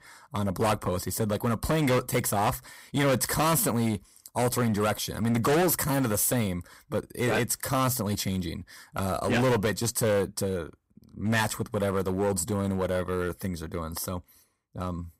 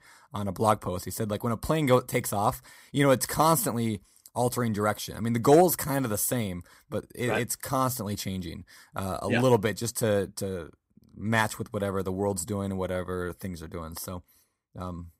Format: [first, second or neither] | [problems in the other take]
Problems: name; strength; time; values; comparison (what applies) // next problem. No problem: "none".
second | distortion; heavy; 10% of the sound clipped